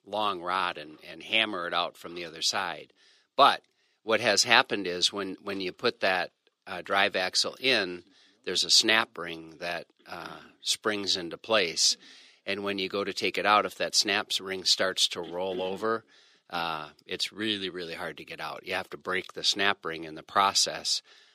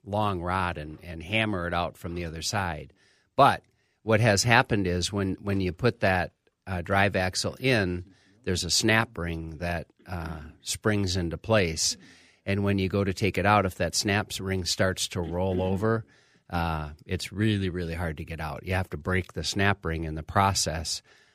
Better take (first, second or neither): second